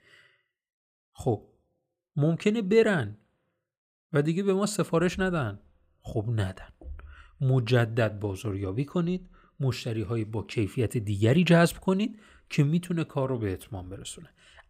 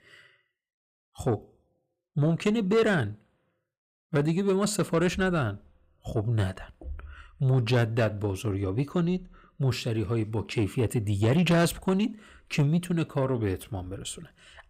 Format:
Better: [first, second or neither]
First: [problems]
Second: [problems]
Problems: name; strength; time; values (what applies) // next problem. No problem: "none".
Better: first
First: none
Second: distortion; slight; 10 dB below the speech